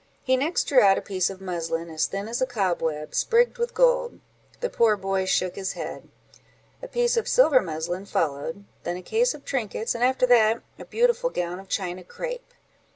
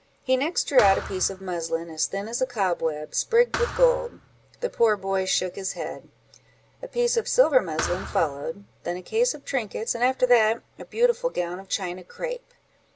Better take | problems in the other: first | background sound (Thump, thud); 10 dB below the speech

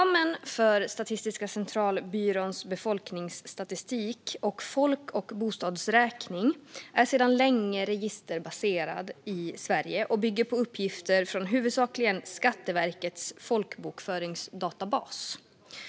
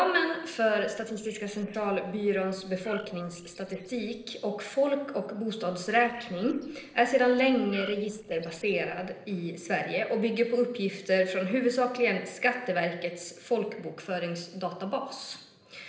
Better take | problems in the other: first | noise reduction (neural separator model SepFormer DNS4)

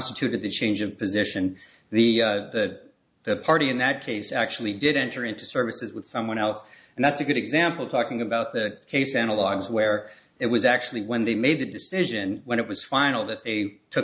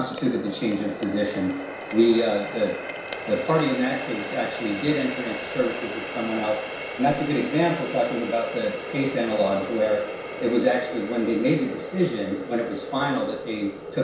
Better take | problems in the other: first | background sound (Water tap, faucet); 9 dB below the speech // room echo; dies away in 0.6 s

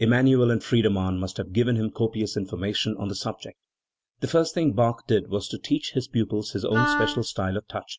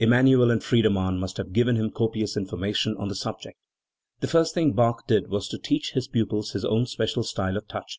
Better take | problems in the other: second | noise reduction (neural mask model RNNoise)

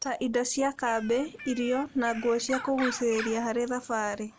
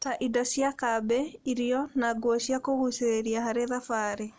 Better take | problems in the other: second | background sound (Bird); 13 dB below the speech

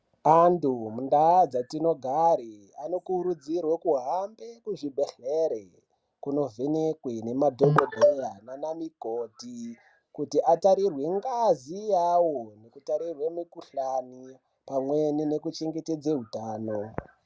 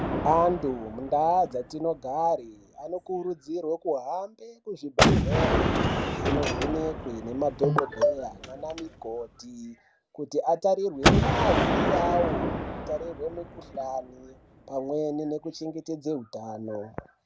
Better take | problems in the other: first | background sound (Gunshot, gunfire); as loud as the speech

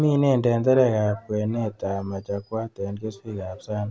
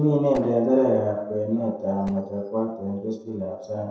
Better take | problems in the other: first | noise reduction (neural separator model SepFormer DNS4)

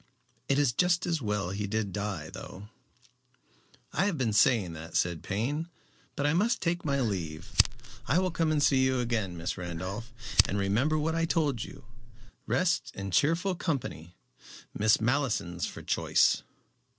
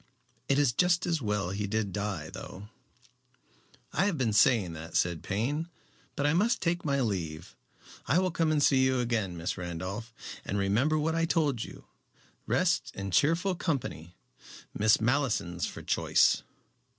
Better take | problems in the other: second | background sound (Fire); 4 dB below the speech

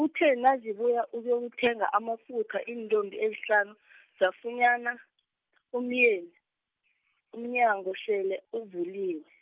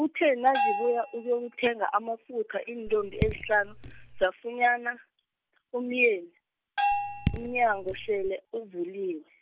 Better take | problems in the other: first | background sound (Bell + Raindrop / Drip); 3 dB below the speech

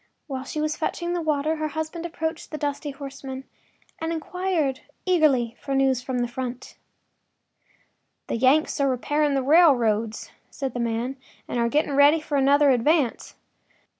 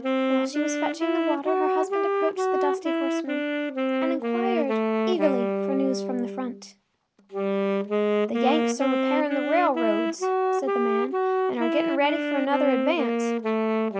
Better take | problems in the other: first | background sound (Wind instrument, woodwind instrument); 4 dB above the speech

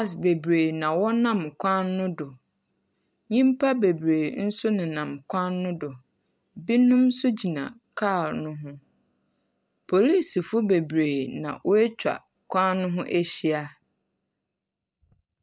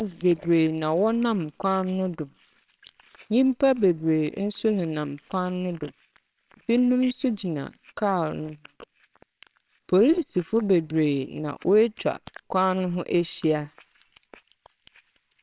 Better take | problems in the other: first | noise reduction (neural separator model SepFormer WHAMR!)

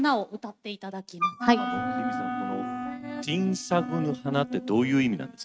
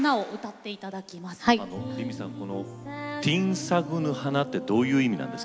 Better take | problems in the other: second | noise reduction (neural mask model RNNoise)

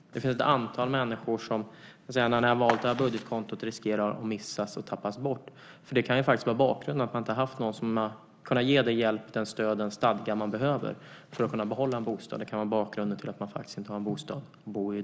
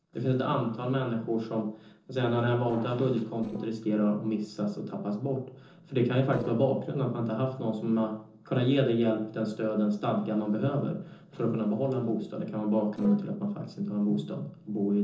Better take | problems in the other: first | noise reduction (neural separator model SepFormer DNS4)

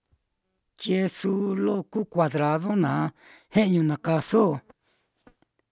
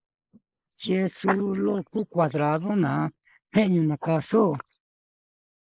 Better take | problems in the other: first | noise reduction (neural mask model Resemble Enhance denoiser)

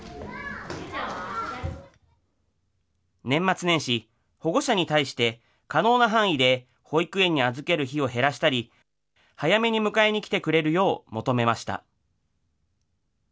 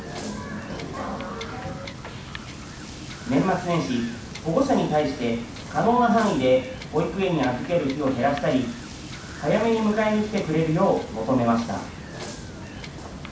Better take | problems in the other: first | background sound (Wind / Boat, Water vehicle); 12 dB below the speech // room echo; dies away in 0.6 s

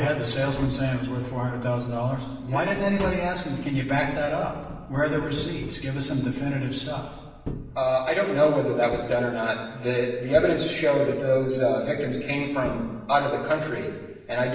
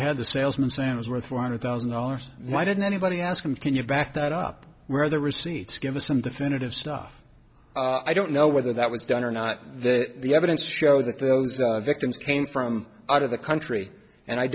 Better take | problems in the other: second | background sound (Tap); 16 dB below the speech // room echo; dies away in 1.1 s

